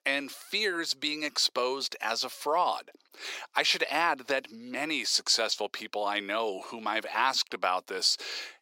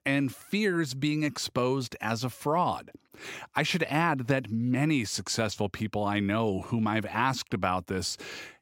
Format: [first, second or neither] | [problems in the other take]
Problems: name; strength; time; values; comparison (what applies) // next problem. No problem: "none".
second | thin; very; fading below 450 Hz